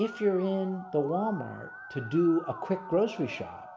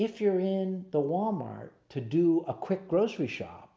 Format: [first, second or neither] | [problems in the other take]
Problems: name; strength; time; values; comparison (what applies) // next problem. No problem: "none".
second | background sound (Musical instrument); 15 dB below the speech